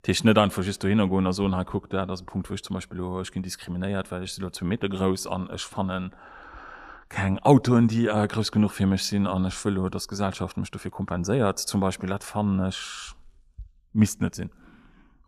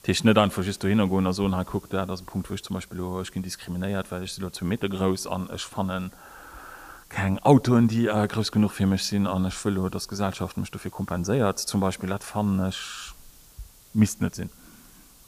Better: first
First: none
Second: hiss; faint; throughout; 25 dB below the speech

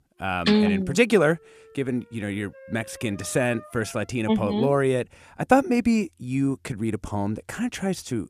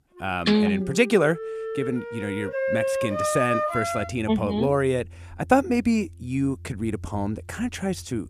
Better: first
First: background music; faint; throughout; 25 dB below the speech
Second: background music; loud; throughout; 4 dB below the speech

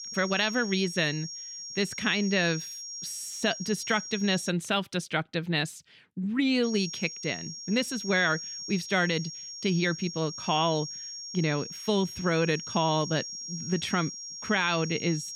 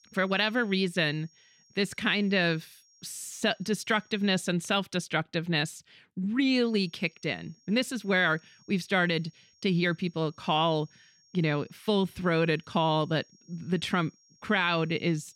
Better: second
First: high-pitched whine; loud; until 4.5 s and from 6.5 s on; 5.5 kHz, 8 dB below the speech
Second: high-pitched whine; faint; until 4.5 s and from 6.5 s on; 5.5 kHz, 30 dB below the speech

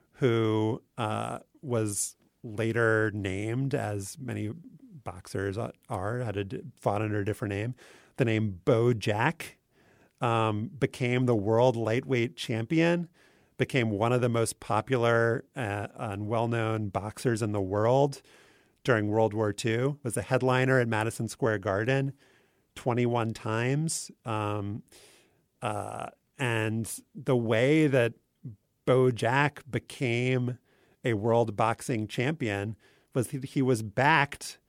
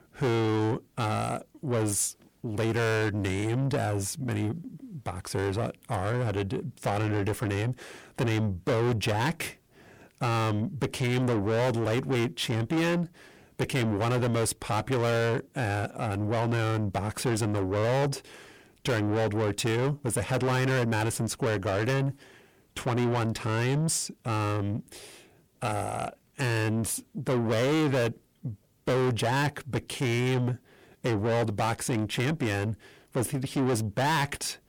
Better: first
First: none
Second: distortion; heavy; 6 dB below the speech

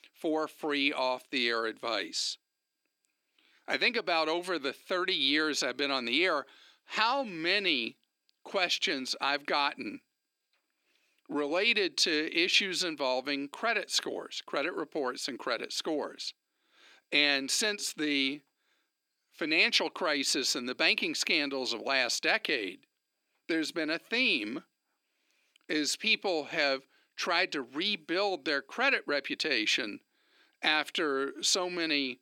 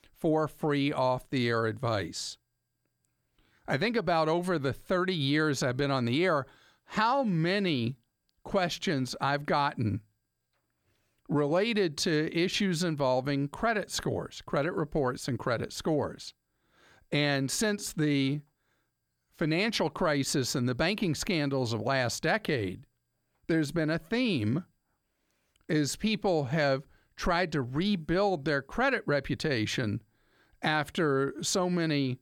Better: second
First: thin; very slightly; fading below 300 Hz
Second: none

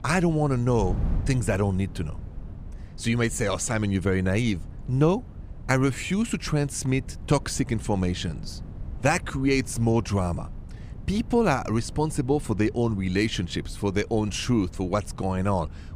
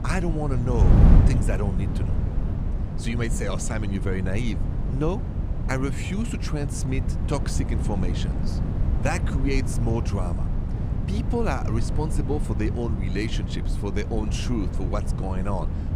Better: first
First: wind noise on the microphone; occasional gusts; 20 dB below the speech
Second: wind noise on the microphone; heavy; 5 dB below the speech

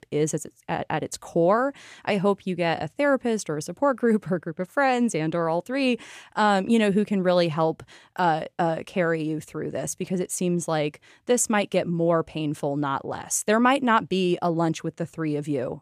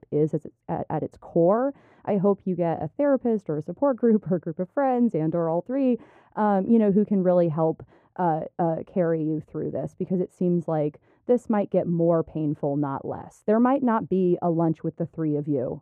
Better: first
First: none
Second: muffled; very; fading above 2 kHz

